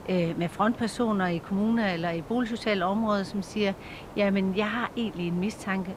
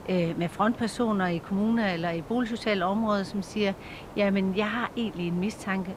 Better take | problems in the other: neither | hiss; noticeable; throughout; 15 dB below the speech; the same in both

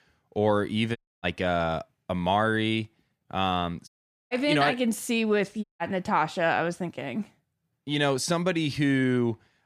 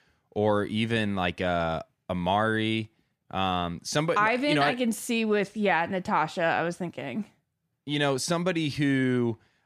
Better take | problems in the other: second | audio cutting out; at 1 s, at 4 s and at 5.5 s

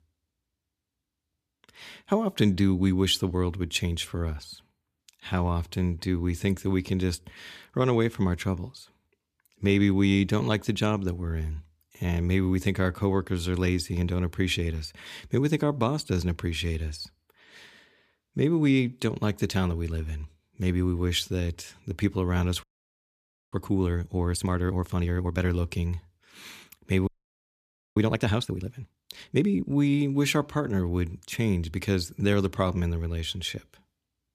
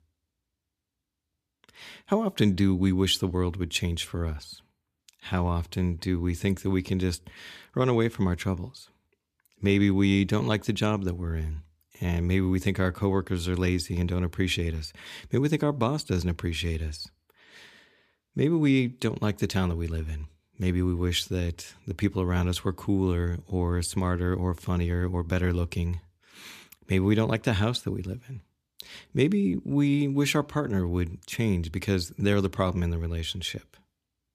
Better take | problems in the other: second | audio freezing; at 23 s for 1 s and at 27 s for 1 s

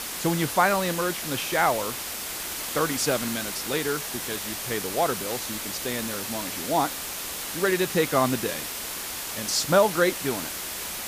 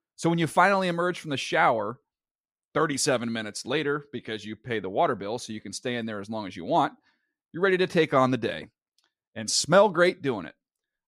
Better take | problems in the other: second | hiss; loud; throughout; 4 dB below the speech

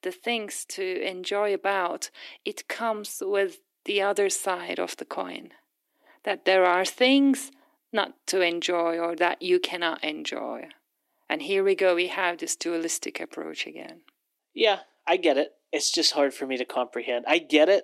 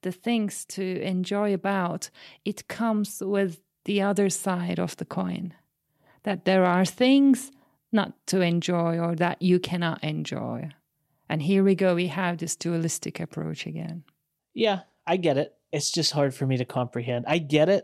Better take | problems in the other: second | thin; somewhat; fading below 300 Hz

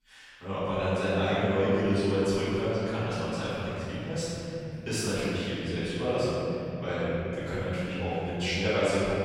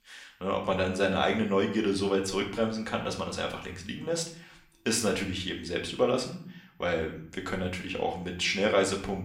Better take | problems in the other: second | room echo; strong; dies away in 3 s; slight in the second // off-mic speech; far; somewhat distant in the second

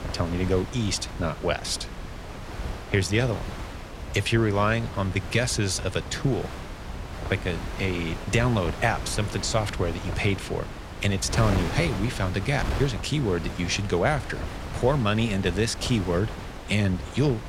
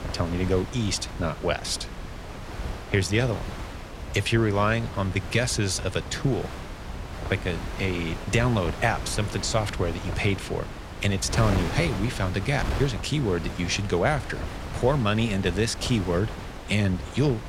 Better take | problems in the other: neither | wind noise on the microphone; heavy; 10 dB below the speech; the same in both

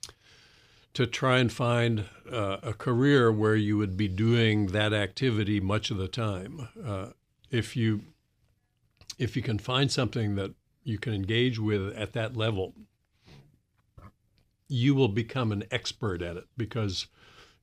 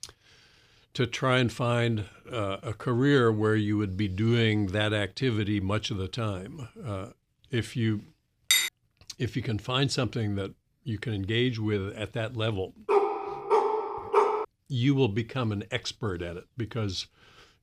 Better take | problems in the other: first | clattering dishes; loud; at 8.5 s; peak 5 dB above the speech // dog barking; loud; from 13 to 14 s; peak 4 dB above the speech

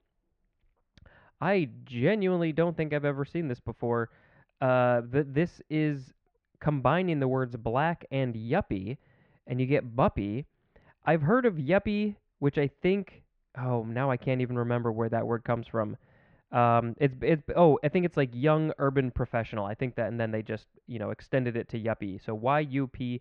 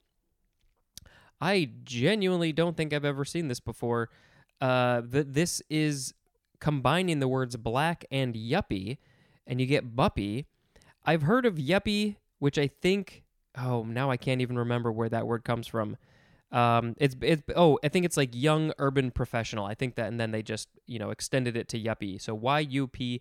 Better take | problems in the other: second | muffled; very; fading above 2.5 kHz

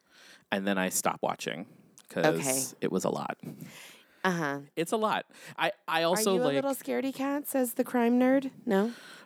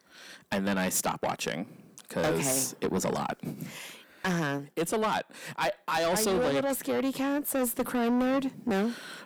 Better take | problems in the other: first | distortion; heavy; 7 dB below the speech

